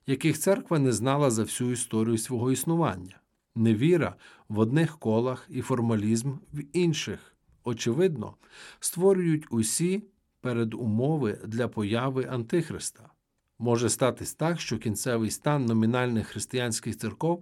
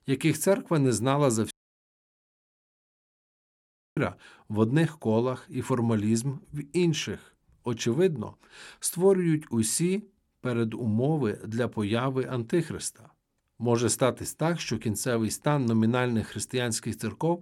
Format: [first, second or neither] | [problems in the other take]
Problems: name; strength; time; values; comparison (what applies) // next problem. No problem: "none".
first | audio cutting out; at 1.5 s for 2.5 s